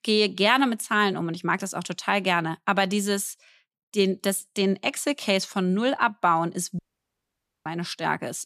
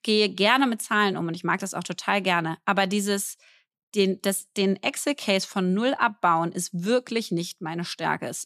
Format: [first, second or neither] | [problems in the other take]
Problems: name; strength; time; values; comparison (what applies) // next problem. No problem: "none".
second | audio cutting out; at 7 s for 1 s